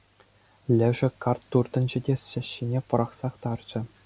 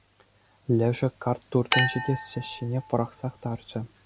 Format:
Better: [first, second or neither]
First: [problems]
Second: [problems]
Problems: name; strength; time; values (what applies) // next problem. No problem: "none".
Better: first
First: none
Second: background sound (Chink, clink); 4 dB below the speech